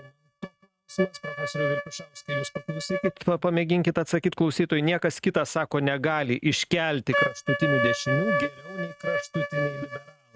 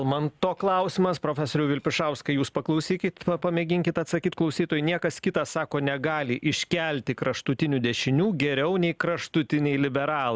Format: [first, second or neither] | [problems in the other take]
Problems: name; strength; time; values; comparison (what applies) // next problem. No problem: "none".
second | noise reduction (neural mask model RNNoise)